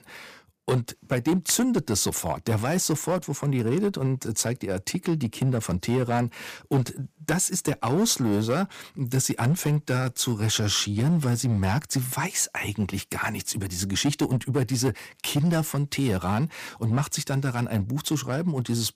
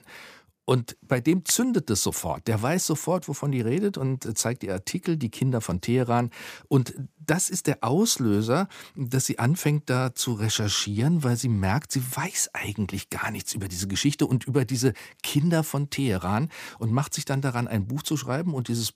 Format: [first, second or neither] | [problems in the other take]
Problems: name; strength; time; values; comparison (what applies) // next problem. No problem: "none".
second | distortion; slight; 5% of the sound clipped